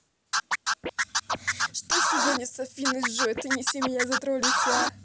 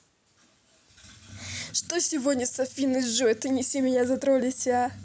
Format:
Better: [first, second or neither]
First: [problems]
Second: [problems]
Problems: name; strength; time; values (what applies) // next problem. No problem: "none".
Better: second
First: background sound (Scratching (performance technique)); 4 dB above the speech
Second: none